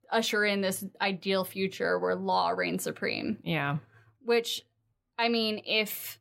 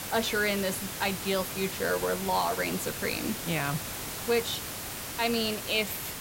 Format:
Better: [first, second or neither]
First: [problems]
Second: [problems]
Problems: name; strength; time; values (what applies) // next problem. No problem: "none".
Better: first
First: none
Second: hiss; loud; throughout; 5 dB below the speech